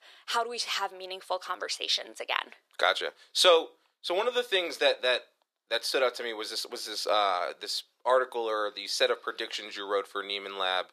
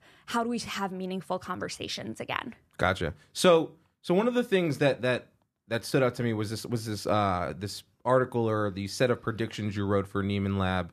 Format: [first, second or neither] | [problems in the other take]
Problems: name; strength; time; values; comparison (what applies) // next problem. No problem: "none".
second | thin; very; fading below 450 Hz